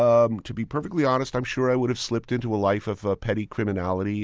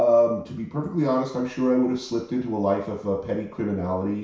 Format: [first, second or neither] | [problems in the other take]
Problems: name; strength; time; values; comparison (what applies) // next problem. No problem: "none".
first | room echo; dies away in 0.6 s